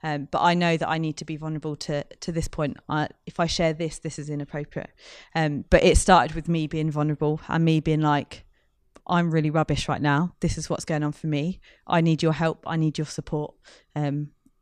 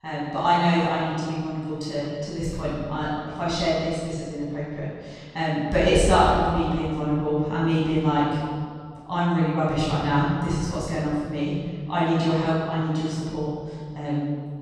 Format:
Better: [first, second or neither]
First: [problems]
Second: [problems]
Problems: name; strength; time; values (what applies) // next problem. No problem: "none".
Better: first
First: none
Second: off-mic speech; far // room echo; strong; dies away in 1.8 s